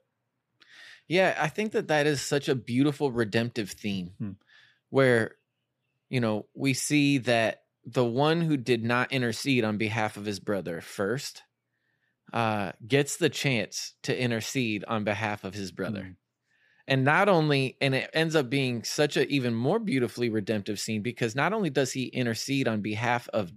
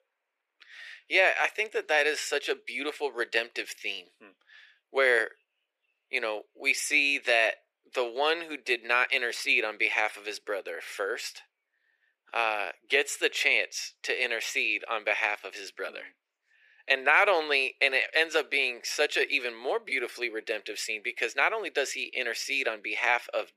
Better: first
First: none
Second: thin; very; fading below 400 Hz

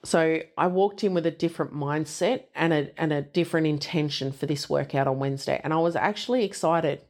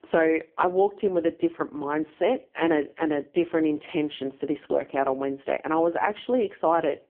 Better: first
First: none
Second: phone-call audio; poor line

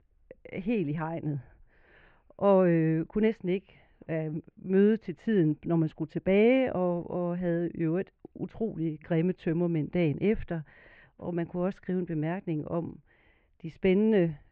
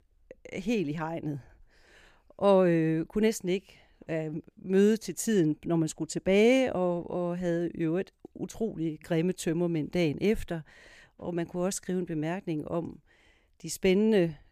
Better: second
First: muffled; very; fading above 2.5 kHz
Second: none

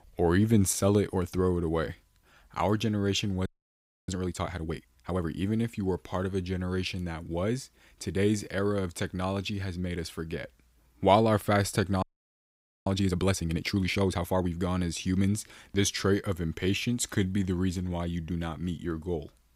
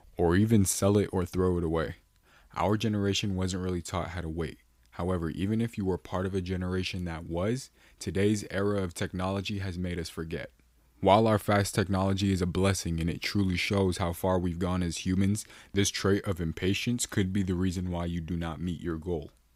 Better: second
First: audio freezing; at 3.5 s for 0.5 s and at 12 s for 1 s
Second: none

